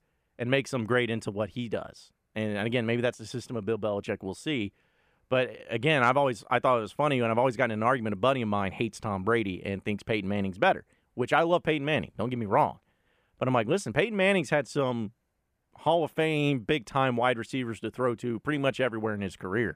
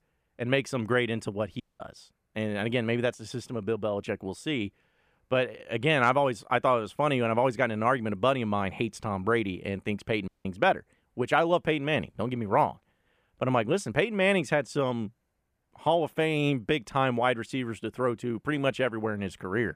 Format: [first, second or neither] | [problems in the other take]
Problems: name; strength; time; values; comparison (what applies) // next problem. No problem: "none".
first | audio cutting out; at 1.5 s and at 10 s